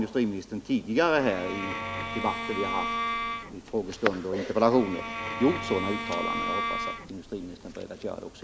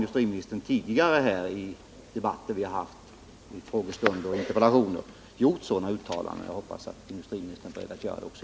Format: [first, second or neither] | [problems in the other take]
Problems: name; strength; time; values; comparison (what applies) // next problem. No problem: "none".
second | background sound (Bowed string instrument); 4 dB below the speech